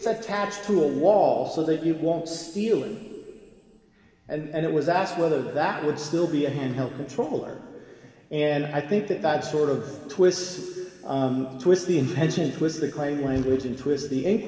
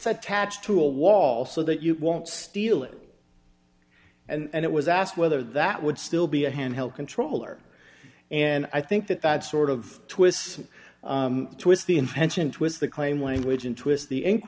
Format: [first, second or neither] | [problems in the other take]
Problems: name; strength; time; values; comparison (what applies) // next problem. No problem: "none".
second | room echo; dies away in 2.5 s